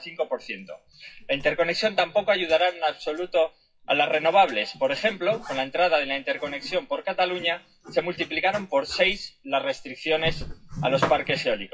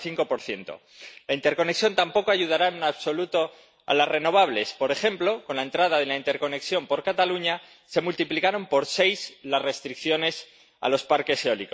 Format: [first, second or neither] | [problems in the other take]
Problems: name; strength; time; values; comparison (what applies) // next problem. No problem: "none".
second | noise reduction (classical method WPE with log-MMSE)